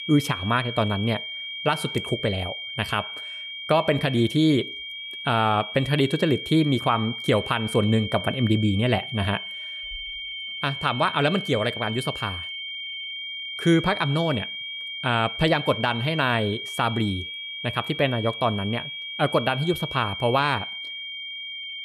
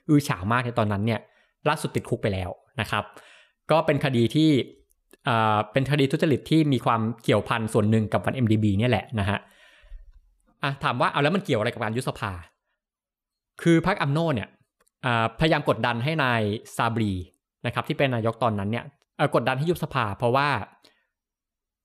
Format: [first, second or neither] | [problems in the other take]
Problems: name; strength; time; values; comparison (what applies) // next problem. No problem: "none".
second | high-pitched whine; loud; throughout; 3 kHz, 7 dB below the speech